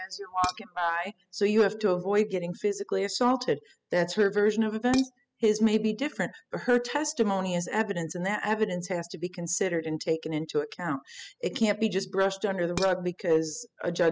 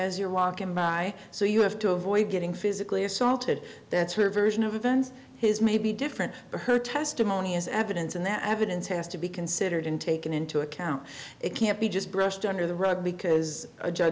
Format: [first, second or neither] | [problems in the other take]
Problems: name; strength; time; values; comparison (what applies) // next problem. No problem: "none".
second | noise reduction (classical method spectral subtraction)